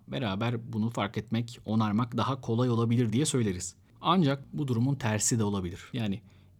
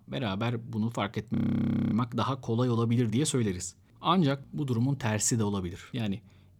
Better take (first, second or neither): first